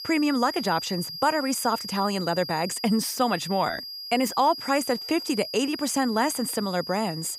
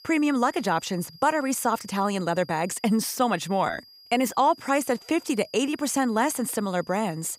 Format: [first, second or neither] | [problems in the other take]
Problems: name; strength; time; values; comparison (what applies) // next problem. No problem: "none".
second | high-pitched whine; loud; throughout; 5 kHz, 8 dB below the speech; faint in the second